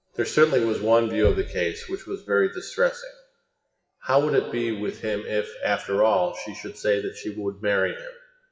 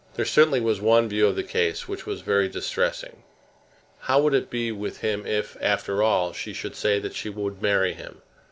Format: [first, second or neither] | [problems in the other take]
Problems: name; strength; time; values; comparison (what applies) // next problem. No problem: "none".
second | noise reduction (classical method WPE with log-MMSE)